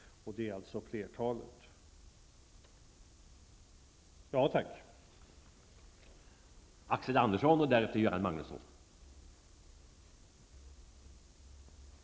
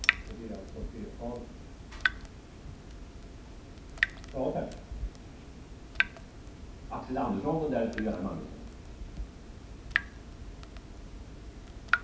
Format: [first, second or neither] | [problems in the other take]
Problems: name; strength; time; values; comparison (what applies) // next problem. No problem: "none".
first | background sound (Drip / Water tap, faucet); 2 dB above the speech // room echo; dies away in 0.6 s